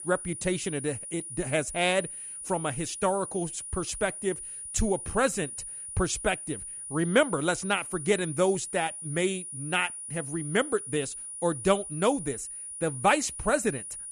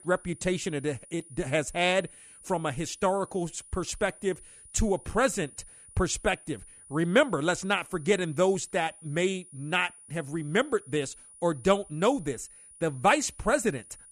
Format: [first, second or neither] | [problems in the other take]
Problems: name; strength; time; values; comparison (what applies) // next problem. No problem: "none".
second | high-pitched whine; loud; throughout; 9.5 kHz, 8 dB below the speech; faint in the second